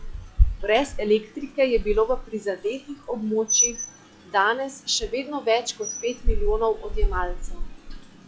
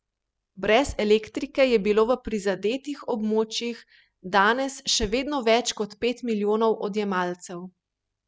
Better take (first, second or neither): second